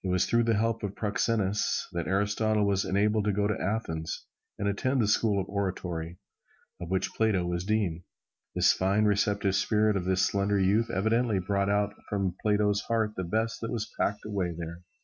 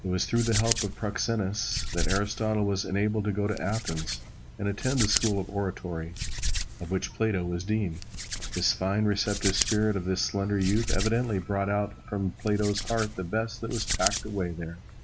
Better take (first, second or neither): first